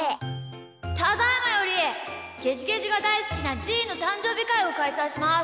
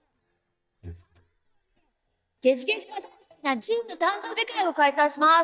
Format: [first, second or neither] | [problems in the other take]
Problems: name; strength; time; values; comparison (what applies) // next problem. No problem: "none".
first | noise reduction (neural mask model DeepFilterNet 3)